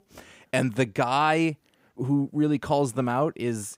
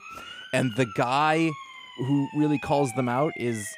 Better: first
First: none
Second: siren; noticeable; peak 10 dB below the speech

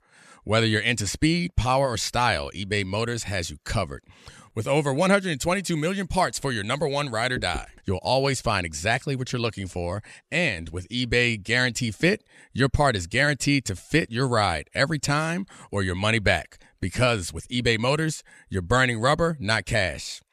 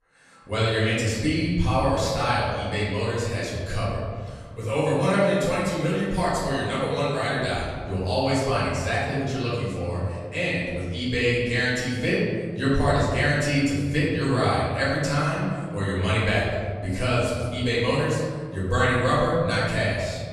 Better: first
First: none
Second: room echo; strong; dies away in 1.7 s // off-mic speech; far

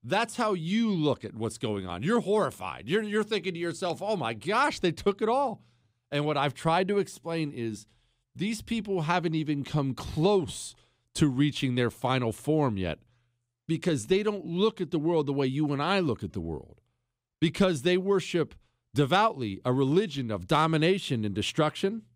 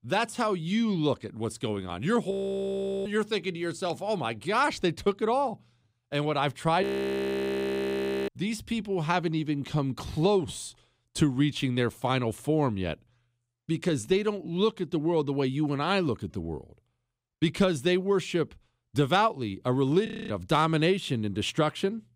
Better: first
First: none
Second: audio freezing; at 2.5 s for 0.5 s, at 7 s for 1.5 s and at 20 s

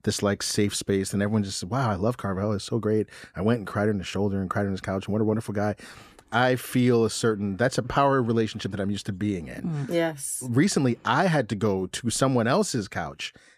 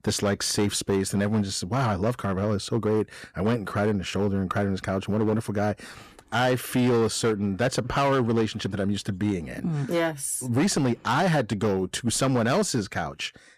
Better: first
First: none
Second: distortion; slight; 10% of the sound clipped

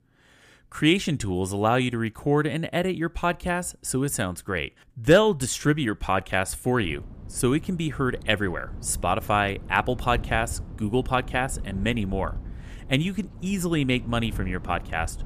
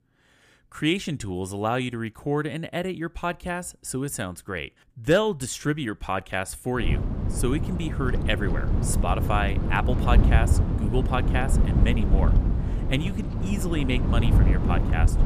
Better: first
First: wind noise on the microphone; occasional gusts; from 7 s on; 25 dB below the speech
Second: wind noise on the microphone; heavy; from 7 s on; 6 dB below the speech

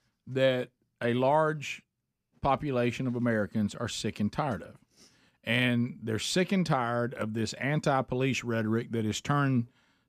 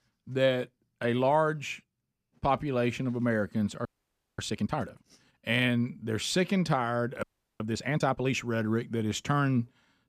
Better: first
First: none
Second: audio freezing; at 4 s for 0.5 s and at 7 s

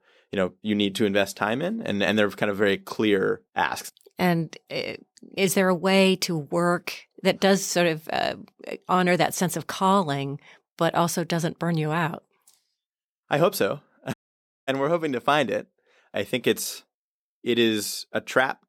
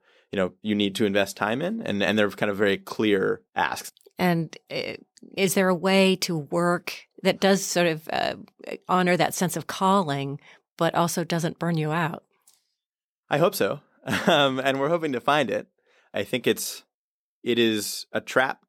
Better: second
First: audio cutting out; at 14 s for 0.5 s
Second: none

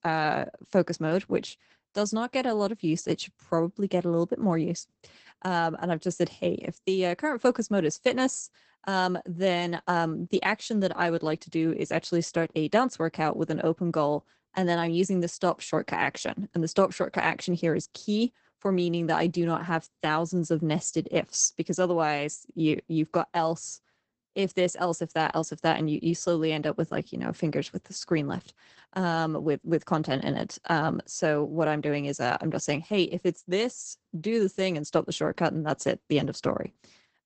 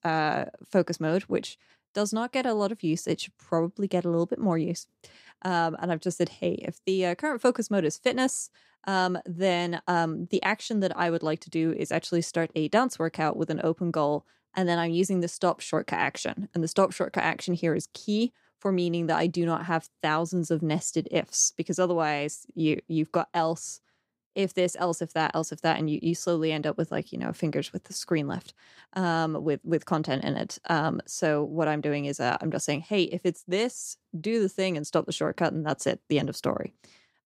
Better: second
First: garbled, watery; badly; nothing above 7.5 kHz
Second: none

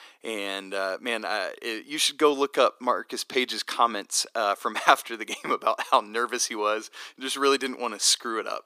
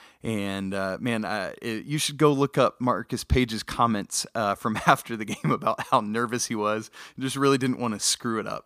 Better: second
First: thin; somewhat; fading below 350 Hz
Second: none

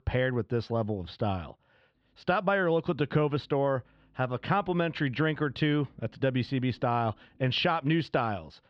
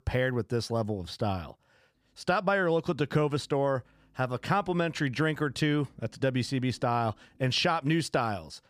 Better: second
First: muffled; slightly; fading above 3.5 kHz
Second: none

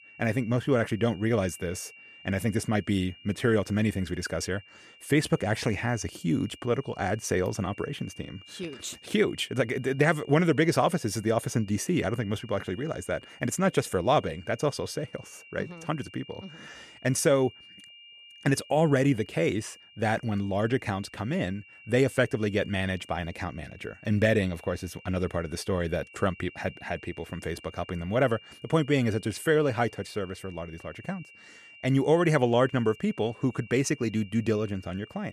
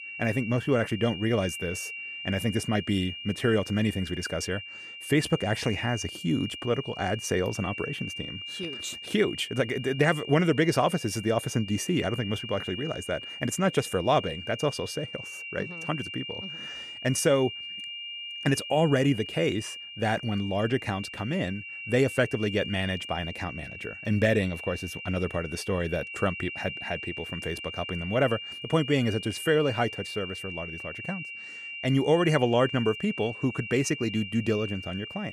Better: first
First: high-pitched whine; faint; throughout; 3 kHz, 20 dB below the speech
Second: high-pitched whine; loud; throughout; 3 kHz, 9 dB below the speech

